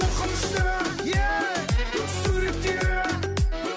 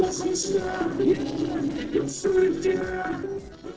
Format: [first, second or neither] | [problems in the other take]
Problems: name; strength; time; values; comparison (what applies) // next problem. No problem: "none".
first | noise reduction (neural separator model SepFormer DNS4)